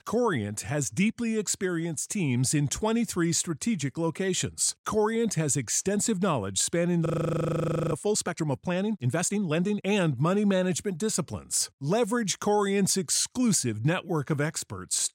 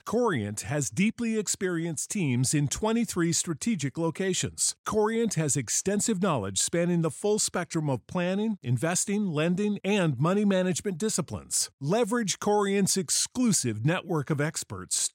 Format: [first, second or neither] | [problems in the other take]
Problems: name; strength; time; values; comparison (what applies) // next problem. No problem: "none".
second | audio freezing; at 7 s for 1 s